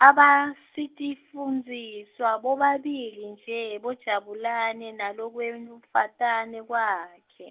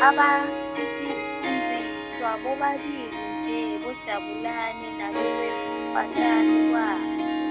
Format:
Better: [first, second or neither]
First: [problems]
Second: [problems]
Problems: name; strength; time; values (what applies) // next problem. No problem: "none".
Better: first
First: none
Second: background sound (Harp); 1 dB above the speech